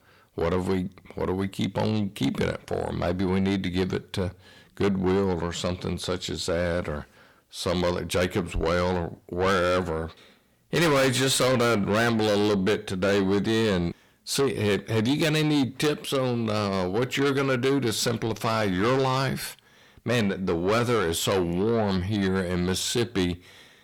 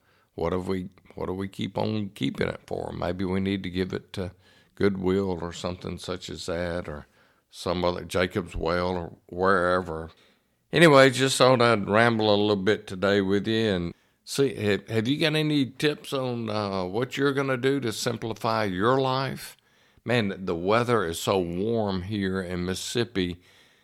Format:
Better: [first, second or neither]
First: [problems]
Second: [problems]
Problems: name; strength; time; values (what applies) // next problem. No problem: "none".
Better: second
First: distortion; heavy; 5 dB below the speech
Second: none